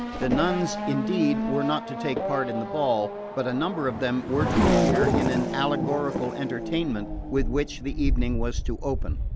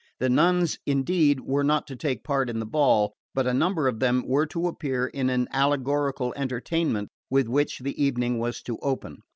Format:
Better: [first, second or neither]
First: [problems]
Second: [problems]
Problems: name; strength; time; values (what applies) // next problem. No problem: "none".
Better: second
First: background sound (Race car, auto racing / Accelerating, revving, vroom); 1 dB above the speech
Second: none